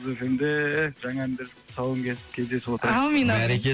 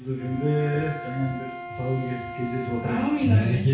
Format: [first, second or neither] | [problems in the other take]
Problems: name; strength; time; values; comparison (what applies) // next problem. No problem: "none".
first | background sound (Bowed string instrument); 12 dB below the speech // room echo; dies away in 0.6 s